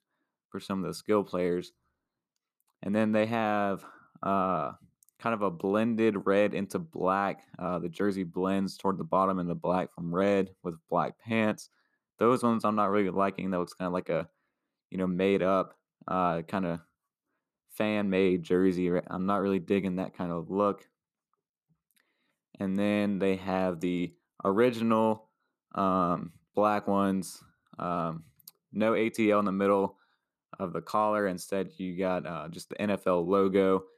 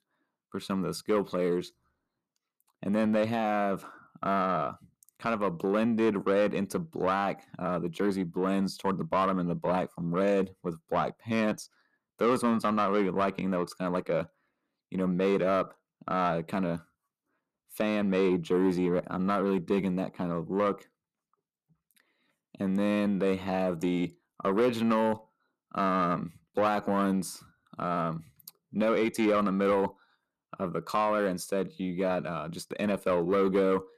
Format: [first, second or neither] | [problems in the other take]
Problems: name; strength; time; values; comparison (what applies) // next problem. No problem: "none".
first | distortion; slight; 10 dB below the speech